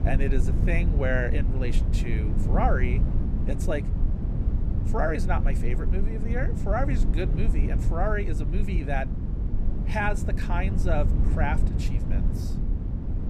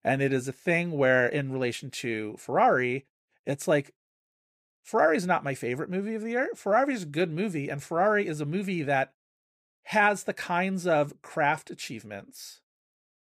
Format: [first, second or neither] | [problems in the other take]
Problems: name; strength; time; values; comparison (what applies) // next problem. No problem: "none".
second | low rumble; loud; throughout; 8 dB below the speech